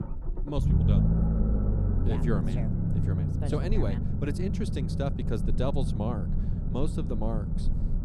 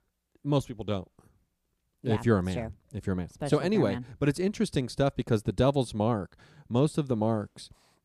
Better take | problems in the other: second | low rumble; loud; throughout; 2 dB below the speech

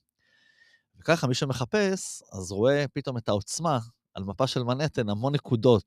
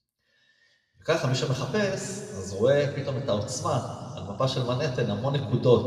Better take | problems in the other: first | room echo; noticeable; dies away in 2 s // off-mic speech; somewhat distant

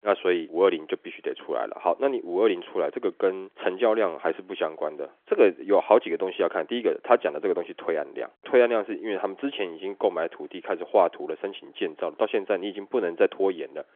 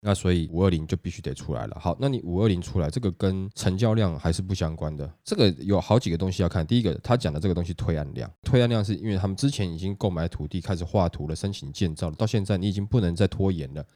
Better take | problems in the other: second | phone-call audio; nothing above 3.5 kHz

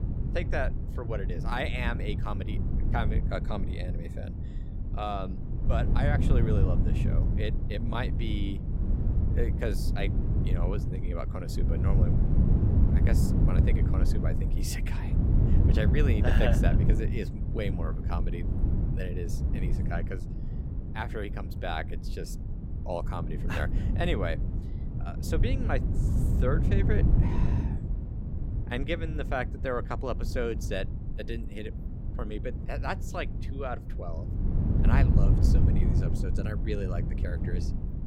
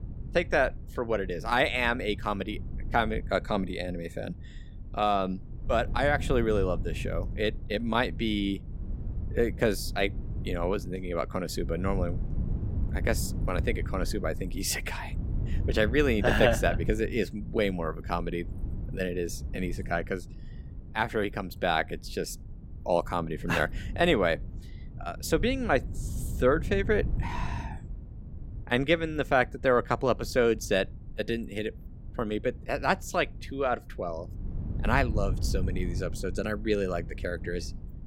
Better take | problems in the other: second | low rumble; loud; throughout; 5 dB below the speech; faint in the second

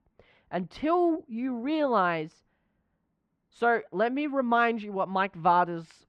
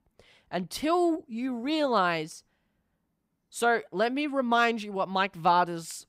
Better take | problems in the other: second | muffled; slightly; fading above 2 kHz

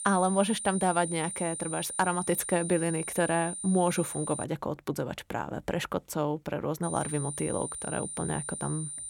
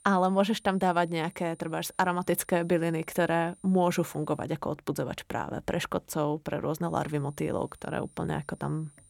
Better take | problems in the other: second | high-pitched whine; loud; until 4.5 s and from 7 s on; 9 kHz, 5 dB below the speech; faint in the second

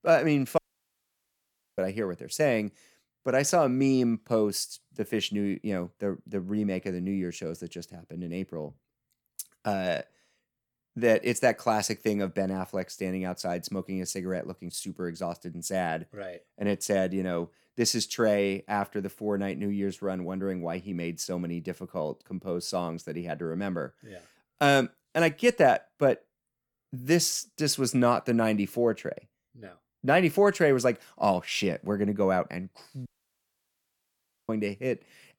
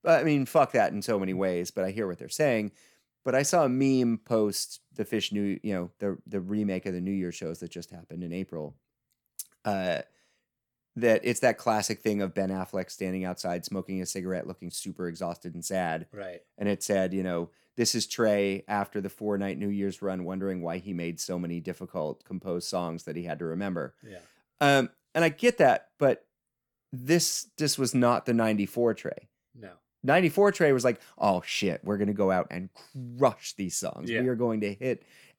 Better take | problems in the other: second | audio cutting out; at 0.5 s for 1 s and at 33 s for 1.5 s

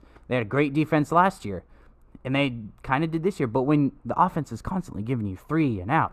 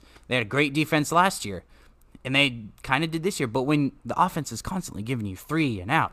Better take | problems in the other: second | muffled; slightly; fading above 2 kHz

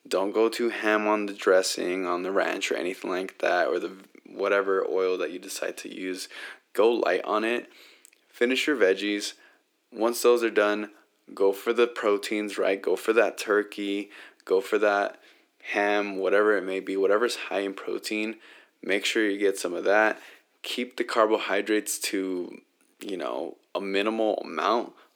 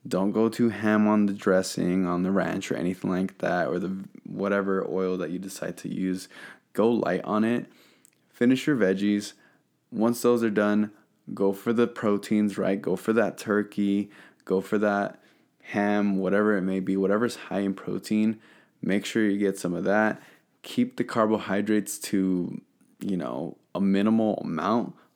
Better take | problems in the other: second | thin; somewhat; fading below 350 Hz

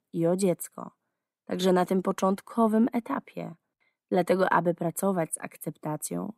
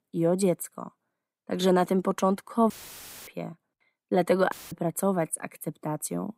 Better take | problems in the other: first | audio cutting out; filled with static; at 2.5 s for 0.5 s and at 4.5 s

